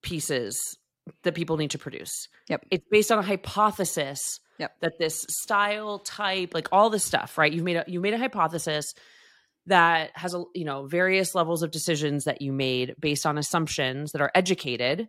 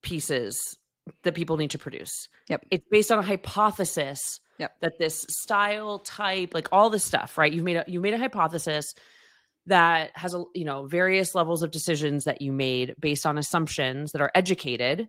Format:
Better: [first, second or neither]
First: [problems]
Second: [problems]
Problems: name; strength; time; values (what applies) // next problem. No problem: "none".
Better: first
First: none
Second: garbled, watery; slightly; nothing above 16 kHz